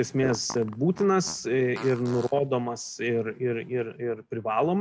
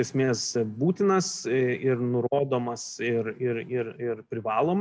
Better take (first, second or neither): second